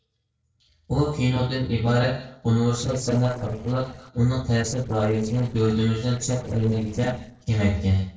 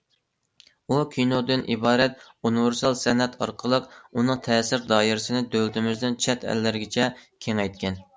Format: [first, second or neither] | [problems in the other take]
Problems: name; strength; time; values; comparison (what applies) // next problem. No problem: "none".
second | noise reduction (neural separator model SepFormer DNS4)